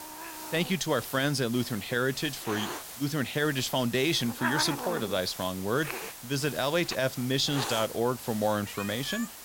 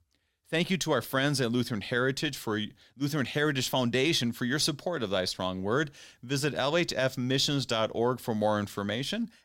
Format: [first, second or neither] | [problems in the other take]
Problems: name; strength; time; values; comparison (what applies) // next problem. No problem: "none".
second | hiss; loud; throughout; 9 dB below the speech